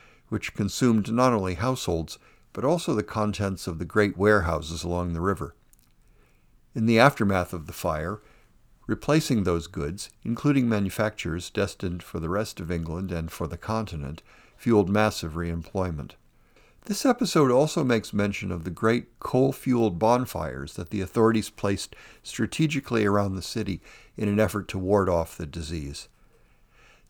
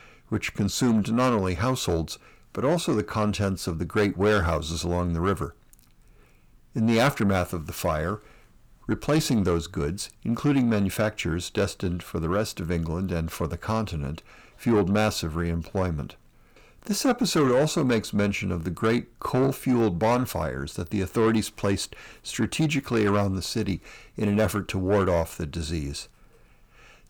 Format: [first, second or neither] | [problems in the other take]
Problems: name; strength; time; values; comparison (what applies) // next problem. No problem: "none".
first | distortion; slight; 10 dB below the speech